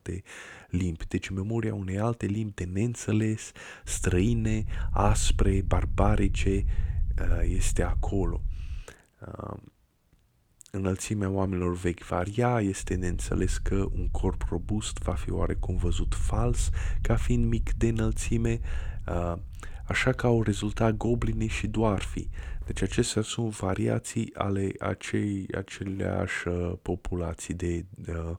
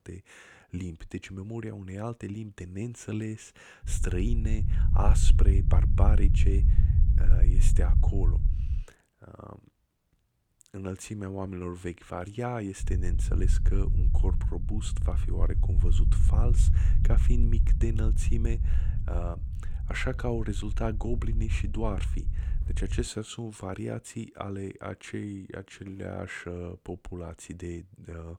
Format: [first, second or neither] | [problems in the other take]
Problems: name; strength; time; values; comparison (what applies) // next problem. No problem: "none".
first | low rumble; loud; from 4 to 9 s and from 13 to 23 s; 7 dB below the speech; faint in the first